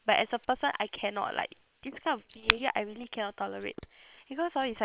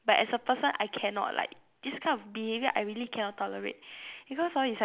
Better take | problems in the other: second | noise reduction (neural separator model SepFormer WHAM!)

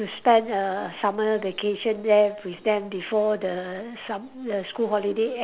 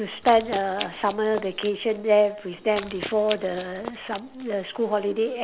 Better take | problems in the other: first | background sound (Run); 15 dB below the speech

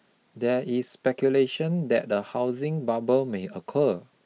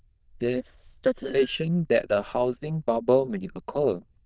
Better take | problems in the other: first | noise reduction (neural diffusion model UNIVERSE++)

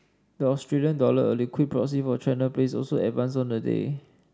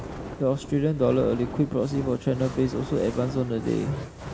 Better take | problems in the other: first | background sound (Fire); 11 dB below the speech

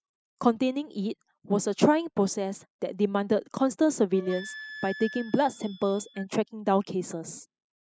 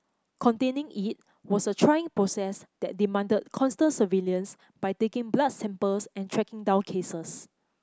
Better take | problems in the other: second | noise reduction (classical method spectral subtraction)

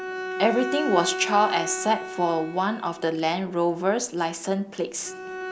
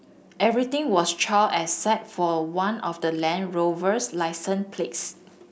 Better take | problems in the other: second | background sound (Bowed string instrument); 8 dB below the speech

